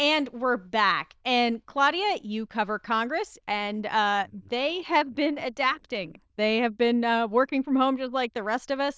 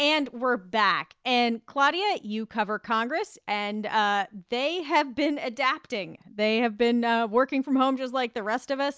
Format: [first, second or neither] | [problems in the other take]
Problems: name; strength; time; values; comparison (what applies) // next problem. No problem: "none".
second | noise reduction (neural diffusion model UNIVERSE++)